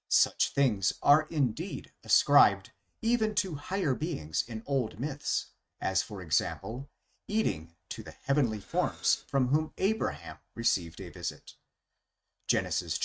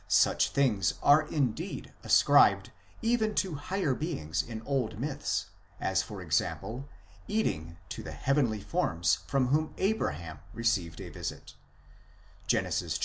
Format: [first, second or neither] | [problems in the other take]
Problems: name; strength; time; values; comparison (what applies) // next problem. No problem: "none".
second | noise reduction (neural mask model RNNoise)